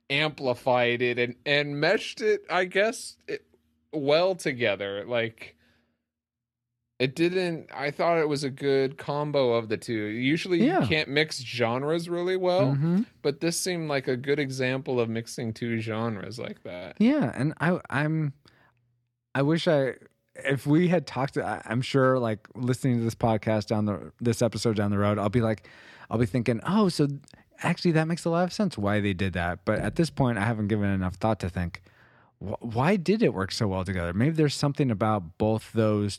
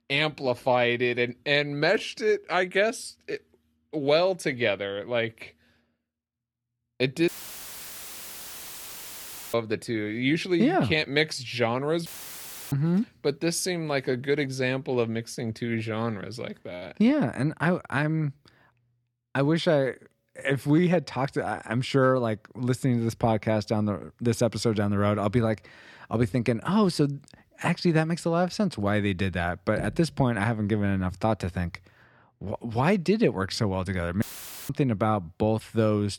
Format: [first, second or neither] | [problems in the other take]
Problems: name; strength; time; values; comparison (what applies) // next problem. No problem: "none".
first | audio cutting out; filled with static; at 7.5 s for 2 s, at 12 s for 0.5 s and at 34 s